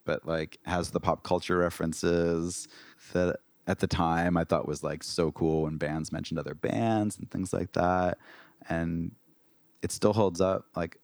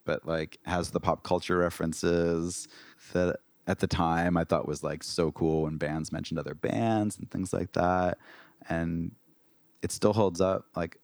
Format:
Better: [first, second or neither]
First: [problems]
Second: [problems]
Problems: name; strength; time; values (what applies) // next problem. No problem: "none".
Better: neither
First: none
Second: none